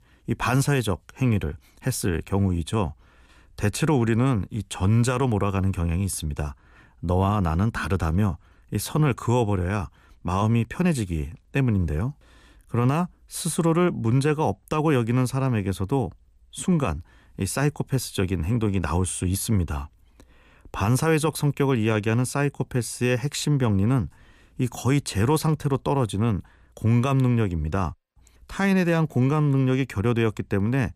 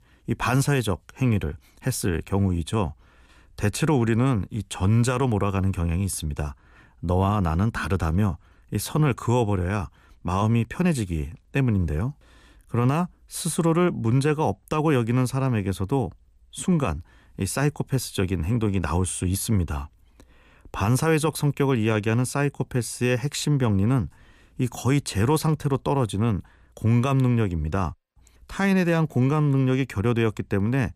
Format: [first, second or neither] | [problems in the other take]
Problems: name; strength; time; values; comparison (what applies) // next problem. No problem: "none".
neither | none